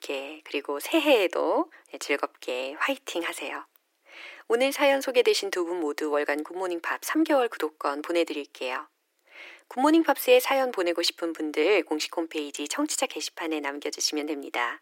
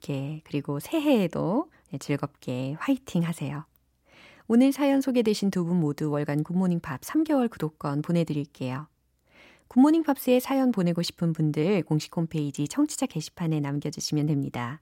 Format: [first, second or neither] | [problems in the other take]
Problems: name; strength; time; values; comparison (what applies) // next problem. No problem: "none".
second | thin; very; fading below 350 Hz